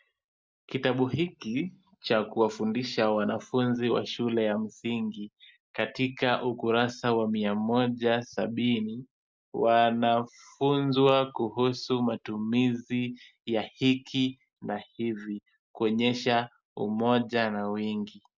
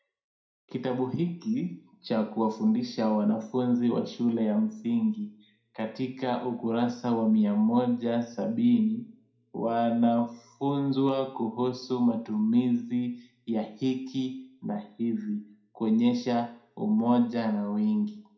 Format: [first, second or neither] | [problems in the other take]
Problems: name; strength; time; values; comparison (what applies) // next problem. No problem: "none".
first | room echo; dies away in 0.4 s